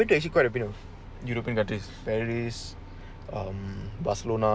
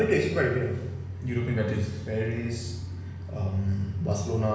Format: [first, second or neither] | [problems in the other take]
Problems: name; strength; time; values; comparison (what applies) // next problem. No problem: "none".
first | room echo; dies away in 1.1 s